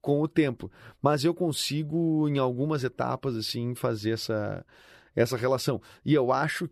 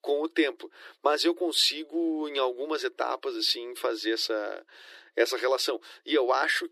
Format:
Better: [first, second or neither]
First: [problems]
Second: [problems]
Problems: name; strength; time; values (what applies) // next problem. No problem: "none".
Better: first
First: none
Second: thin; very; fading below 350 Hz